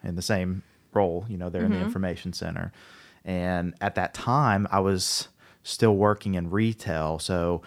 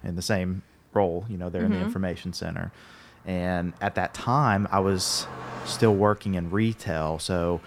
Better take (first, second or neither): first